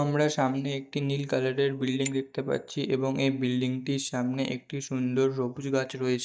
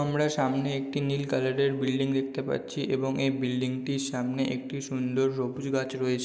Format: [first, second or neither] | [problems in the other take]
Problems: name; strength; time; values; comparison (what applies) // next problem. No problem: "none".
second | noise reduction (neural mask model DeepFilterNet 3)